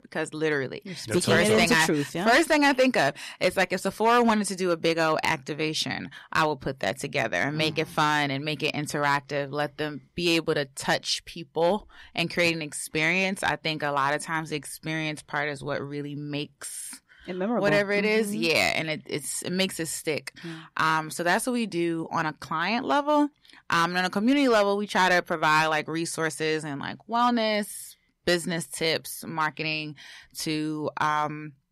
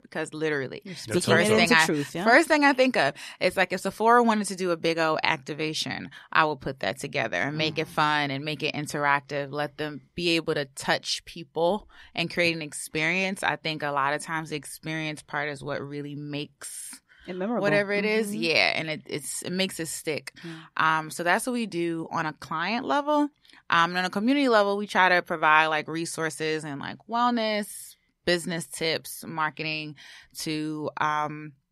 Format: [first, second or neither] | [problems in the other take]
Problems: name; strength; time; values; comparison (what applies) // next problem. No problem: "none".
second | distortion; slight; 1.9% of the sound clipped